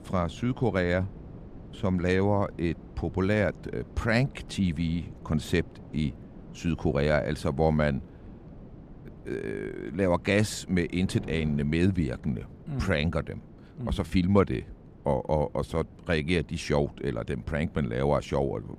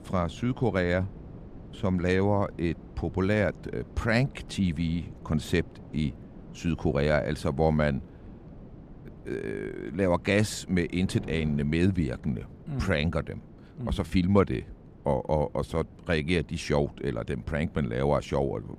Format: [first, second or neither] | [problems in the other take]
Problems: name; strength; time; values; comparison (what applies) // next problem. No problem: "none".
neither | wind noise on the microphone; occasional gusts; 25 dB below the speech; the same in both